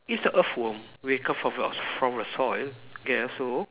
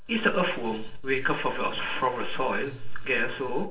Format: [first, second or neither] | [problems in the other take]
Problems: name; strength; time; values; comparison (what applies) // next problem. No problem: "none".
first | room echo; dies away in 0.3 s